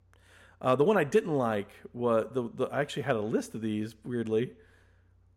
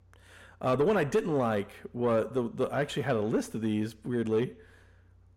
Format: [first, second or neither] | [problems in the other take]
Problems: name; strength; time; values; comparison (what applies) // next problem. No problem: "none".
first | distortion; slight; 10 dB below the speech